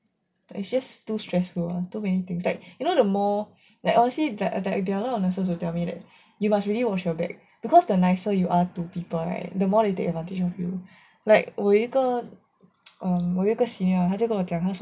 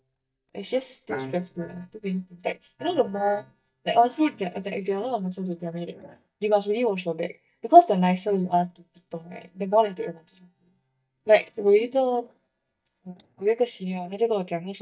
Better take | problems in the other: first | noise reduction (neural mask model DeepFilterNet 3)

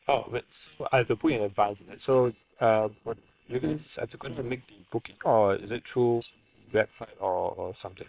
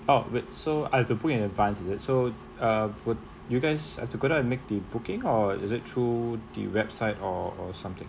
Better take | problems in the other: second | noise reduction (neural separator model SepFormer WHAM!)

